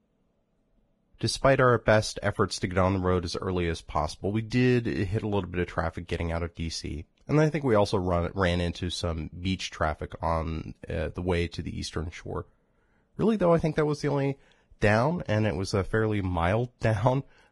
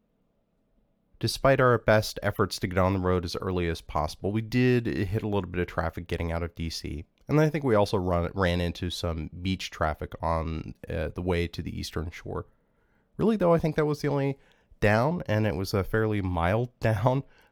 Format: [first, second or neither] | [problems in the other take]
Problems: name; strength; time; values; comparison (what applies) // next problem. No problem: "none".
second | garbled, watery; badly; nothing above 10.5 kHz